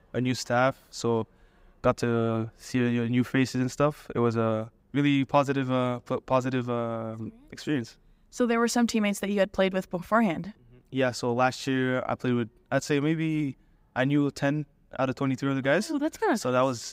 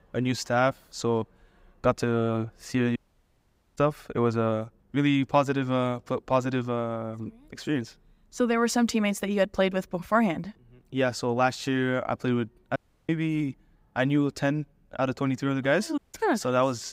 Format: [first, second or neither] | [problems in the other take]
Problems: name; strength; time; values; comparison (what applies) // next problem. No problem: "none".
first | audio cutting out; at 3 s for 1 s, at 13 s and at 16 s